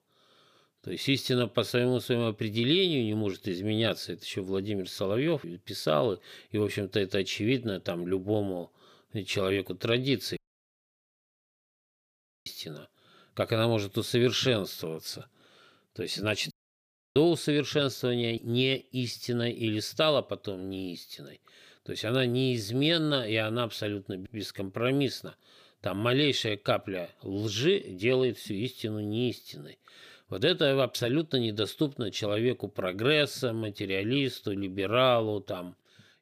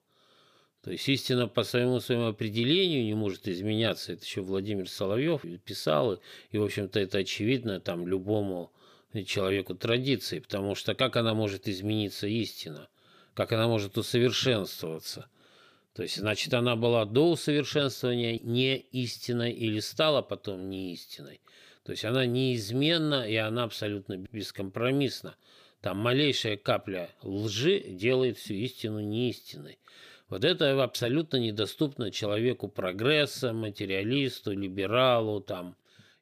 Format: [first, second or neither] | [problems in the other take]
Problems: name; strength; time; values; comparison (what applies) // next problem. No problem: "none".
second | audio cutting out; at 10 s for 2 s and at 17 s for 0.5 s